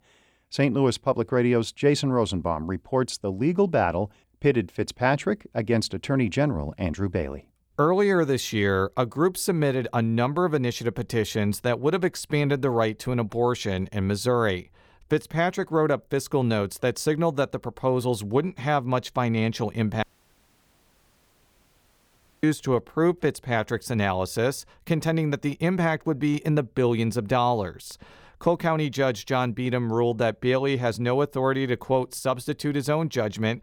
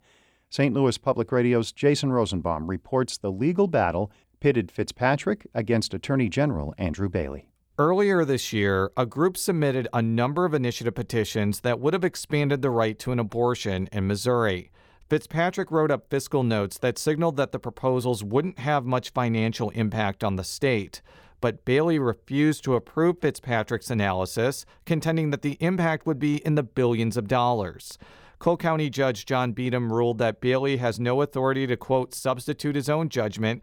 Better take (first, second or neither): second